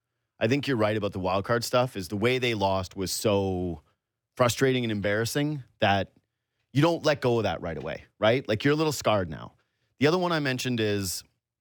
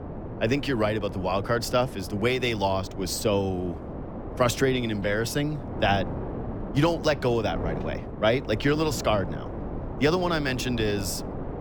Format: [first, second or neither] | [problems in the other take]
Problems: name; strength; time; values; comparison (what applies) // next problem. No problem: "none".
first | wind noise on the microphone; occasional gusts; 15 dB below the speech